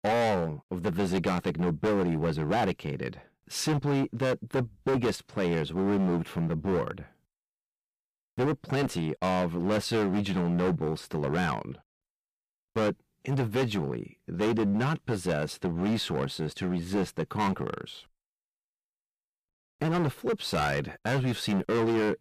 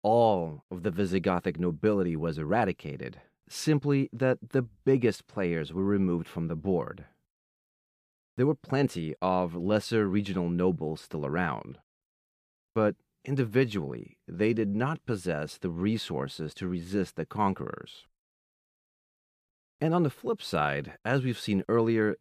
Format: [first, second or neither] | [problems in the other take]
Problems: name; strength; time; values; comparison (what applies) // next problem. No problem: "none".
second | distortion; heavy; 14% of the sound clipped